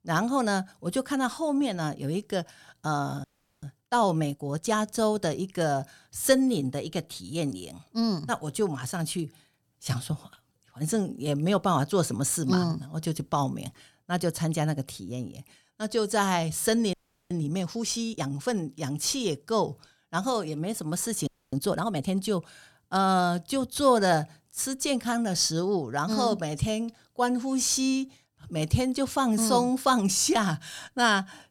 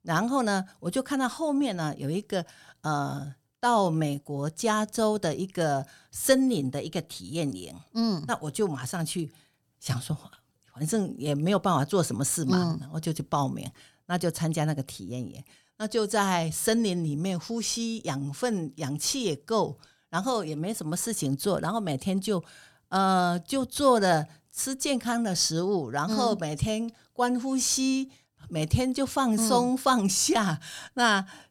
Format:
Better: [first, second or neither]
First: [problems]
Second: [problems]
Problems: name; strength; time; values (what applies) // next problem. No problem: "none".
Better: second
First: audio freezing; at 3 s, at 17 s and at 21 s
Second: none